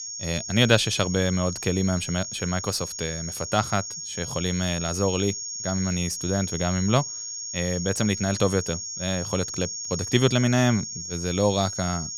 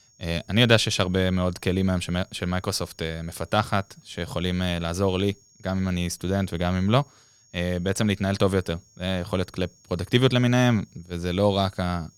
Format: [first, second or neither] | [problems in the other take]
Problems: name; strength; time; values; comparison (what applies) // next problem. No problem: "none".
second | high-pitched whine; loud; throughout; 6.5 kHz, 6 dB below the speech; faint in the second